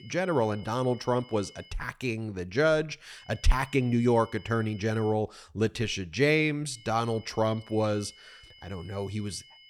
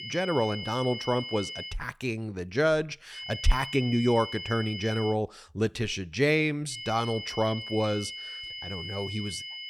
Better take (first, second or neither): first